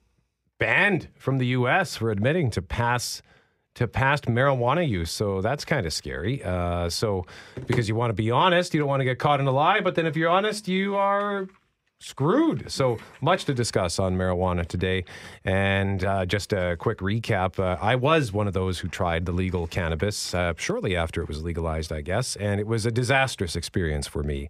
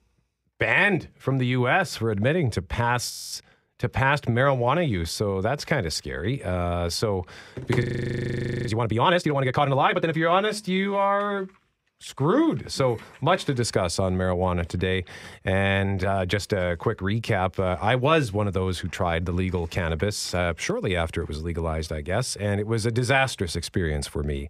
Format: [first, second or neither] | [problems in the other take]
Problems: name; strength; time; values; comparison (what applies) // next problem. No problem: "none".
first | audio freezing; at 3 s and at 8 s for 1 s